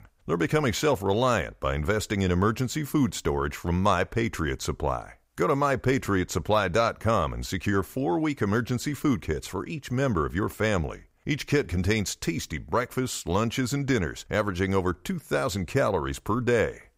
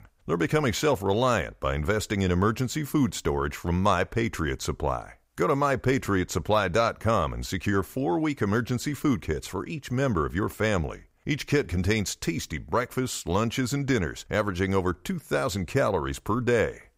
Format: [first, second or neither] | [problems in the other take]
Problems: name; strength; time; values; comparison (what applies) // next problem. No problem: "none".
neither | none